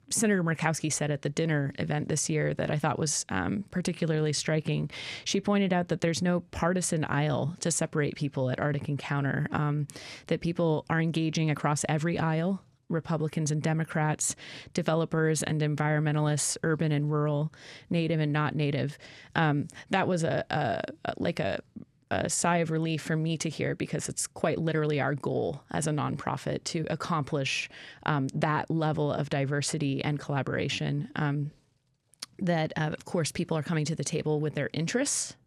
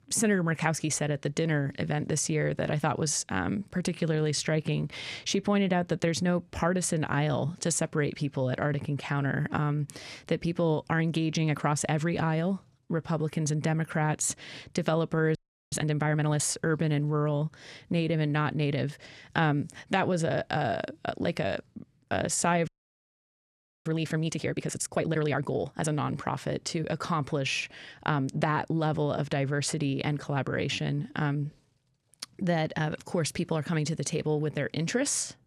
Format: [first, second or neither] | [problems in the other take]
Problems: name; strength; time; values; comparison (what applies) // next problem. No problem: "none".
first | audio freezing; at 15 s and at 23 s for 1 s